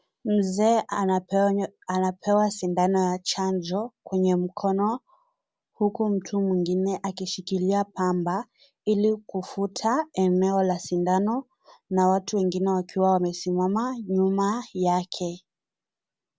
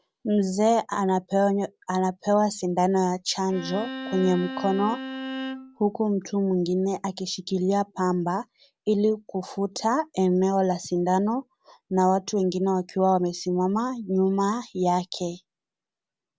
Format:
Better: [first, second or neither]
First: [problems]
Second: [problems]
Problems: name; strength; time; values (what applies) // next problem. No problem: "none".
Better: first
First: none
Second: background sound (Bowed string instrument); 10 dB below the speech